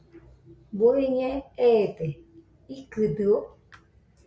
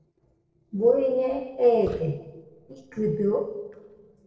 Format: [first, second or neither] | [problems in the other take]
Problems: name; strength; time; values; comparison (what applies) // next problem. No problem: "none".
first | noise reduction (neural separator model SepFormer DNS4)